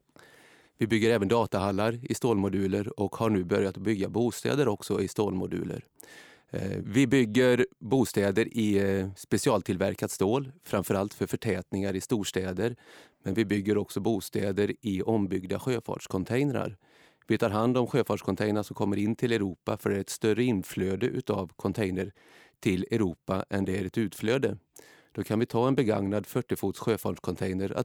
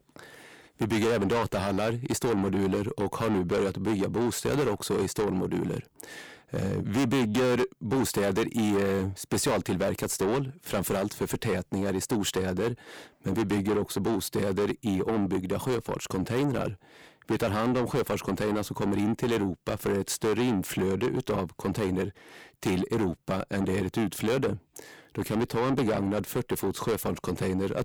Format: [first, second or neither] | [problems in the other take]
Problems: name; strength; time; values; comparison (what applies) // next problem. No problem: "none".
first | distortion; heavy; 6 dB below the speech